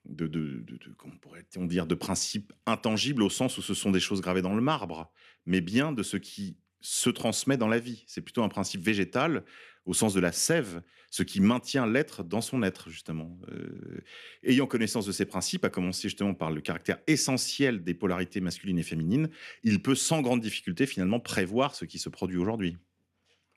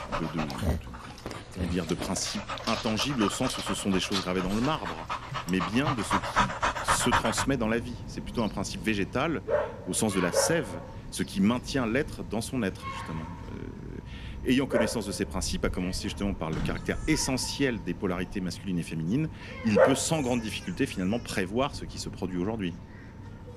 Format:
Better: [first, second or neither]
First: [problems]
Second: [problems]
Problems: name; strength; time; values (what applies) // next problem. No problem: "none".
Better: first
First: none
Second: animal sounds; loud; throughout; 4 dB below the speech